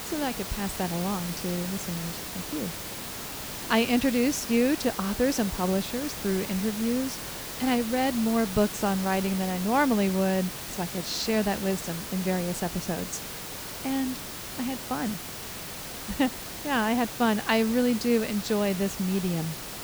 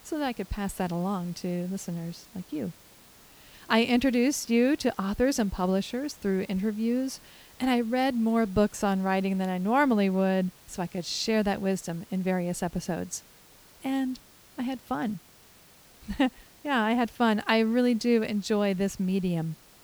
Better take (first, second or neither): second